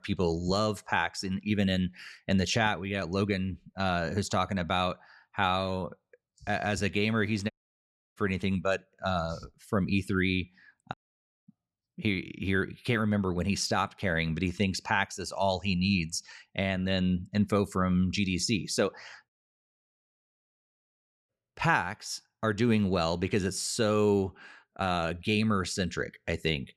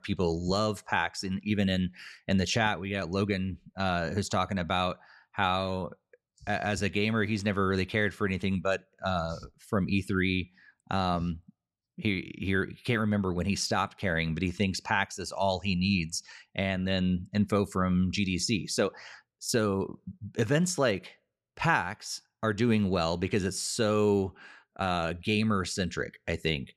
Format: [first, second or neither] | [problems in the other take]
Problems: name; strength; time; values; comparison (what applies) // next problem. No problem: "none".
second | audio cutting out; at 7.5 s for 0.5 s, at 11 s for 0.5 s and at 19 s for 2 s